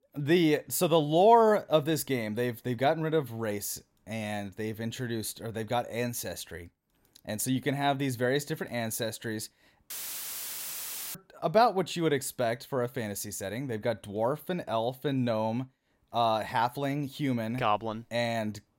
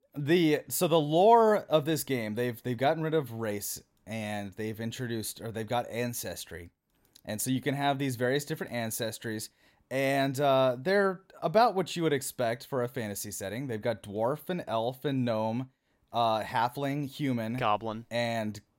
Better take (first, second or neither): second